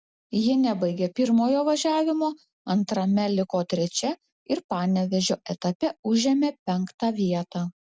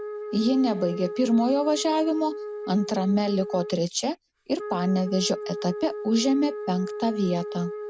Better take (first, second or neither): first